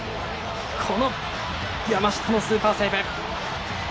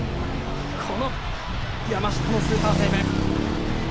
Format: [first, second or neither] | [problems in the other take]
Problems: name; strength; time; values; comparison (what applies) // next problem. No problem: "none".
first | background sound (Wind + Traffic noise, roadway noise); 4 dB above the speech